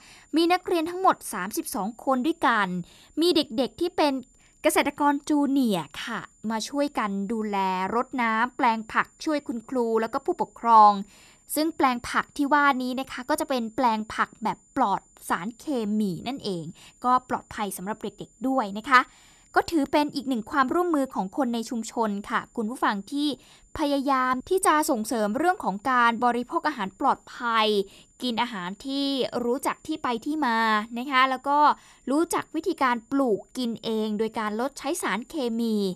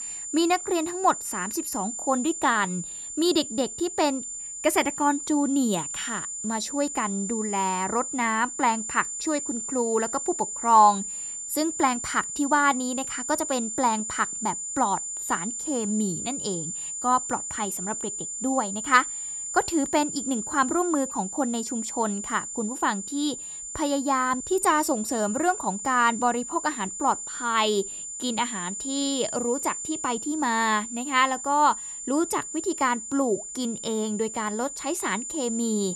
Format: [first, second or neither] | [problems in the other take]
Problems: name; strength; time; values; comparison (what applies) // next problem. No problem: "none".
first | high-pitched whine; loud; throughout; 7 kHz, 6 dB below the speech; faint in the first